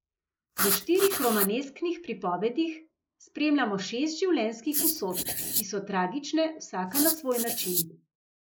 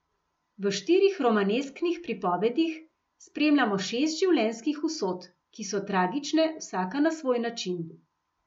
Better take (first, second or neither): second